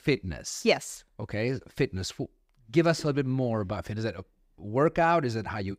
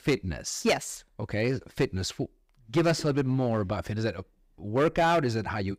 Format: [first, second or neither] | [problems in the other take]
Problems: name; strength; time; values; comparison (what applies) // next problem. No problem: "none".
first | distortion; slight; 5% of the sound clipped